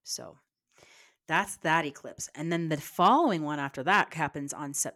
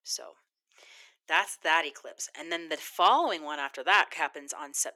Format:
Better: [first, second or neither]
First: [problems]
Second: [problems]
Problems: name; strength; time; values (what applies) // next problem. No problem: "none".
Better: first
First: none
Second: thin; very; fading below 400 Hz